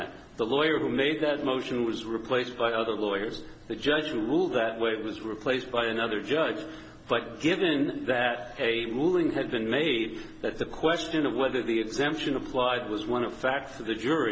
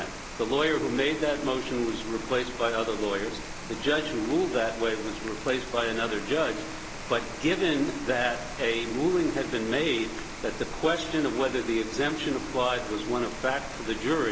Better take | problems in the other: first | background sound (Rain); 10 dB below the speech

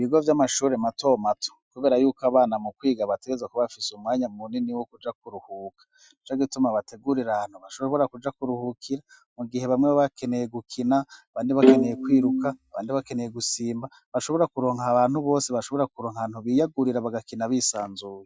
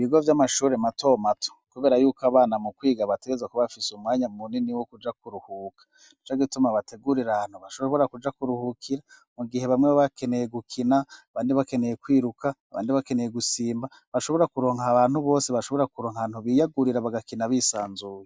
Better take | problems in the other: second | noise reduction (classical method Wiener filter)

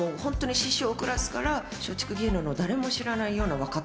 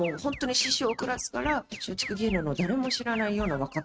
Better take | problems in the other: first | noise reduction (neural mask model RNNoise)

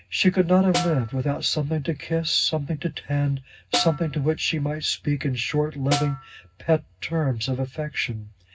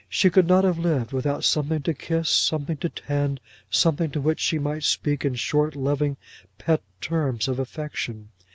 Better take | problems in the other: second | background sound (Snare drum); 8 dB below the speech // room echo; dies away in 0.4 s

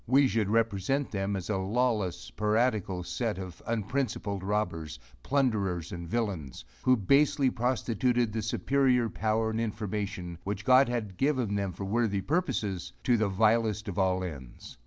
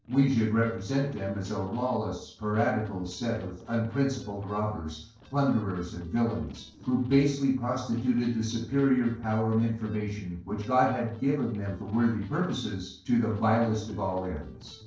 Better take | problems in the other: first | noise reduction (neural separator model SepFormer DNS4)

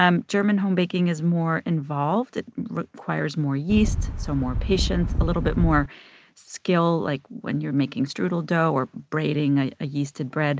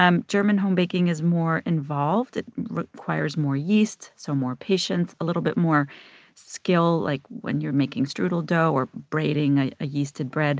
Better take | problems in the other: second | background sound (Wind); 1 dB below the speech

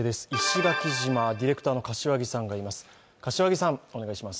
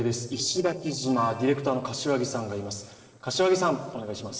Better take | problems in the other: first | noise reduction (neural separator model SepFormer DNS4)

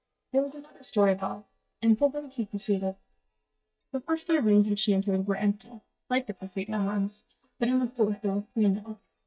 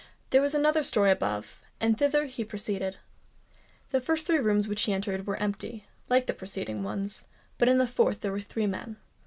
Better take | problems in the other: second | noise reduction (neural mask model DeepFilterNet 3)

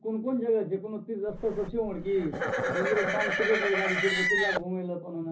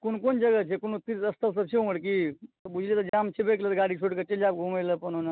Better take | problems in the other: second | background sound (Livestock, farm animals, working animals); as loud as the speech // room echo; dies away in 0.5 s

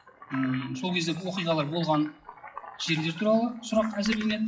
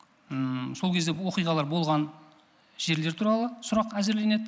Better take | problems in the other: second | noise reduction (classical method WPE with log-MMSE)

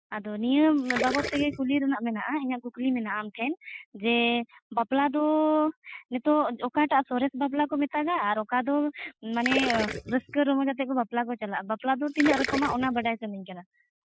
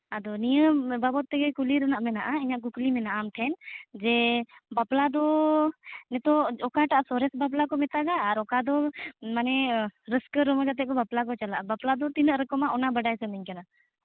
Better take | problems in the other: second | noise reduction (classical method Wiener filter)

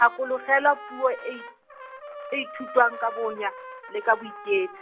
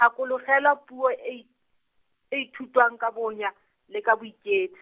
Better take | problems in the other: second | background sound (Trumpet); 14 dB below the speech

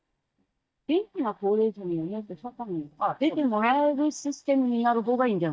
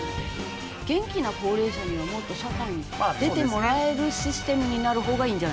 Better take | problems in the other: second | noise reduction (neural mask model DeepFilterNet 3)

